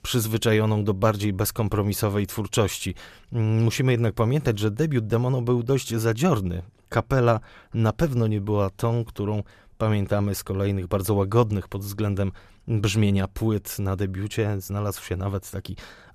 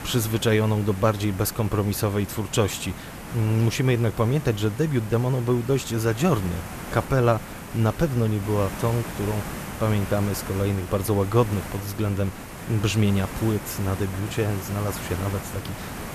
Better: first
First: none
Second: hiss; noticeable; throughout; 10 dB below the speech

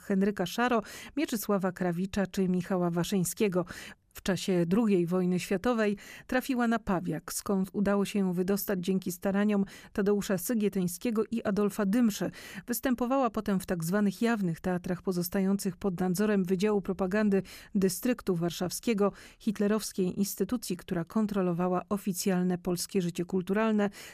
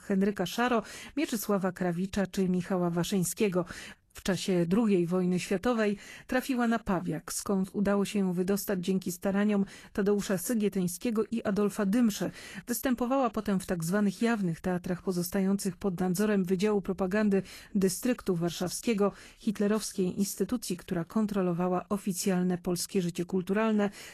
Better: first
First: none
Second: garbled, watery; slightly; nothing above 12.5 kHz

